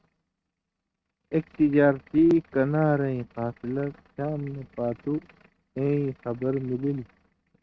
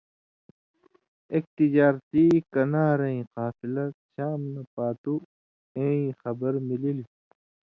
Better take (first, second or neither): second